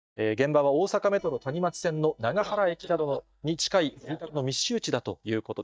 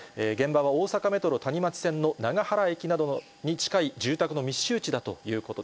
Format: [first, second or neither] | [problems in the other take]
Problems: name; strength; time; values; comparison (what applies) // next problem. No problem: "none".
second | noise reduction (neural mask model DeepFilterNet 3)